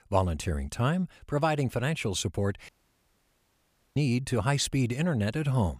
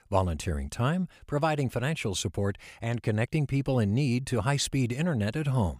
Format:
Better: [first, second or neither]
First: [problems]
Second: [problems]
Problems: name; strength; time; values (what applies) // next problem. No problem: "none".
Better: second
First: audio cutting out; at 2.5 s for 1.5 s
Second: none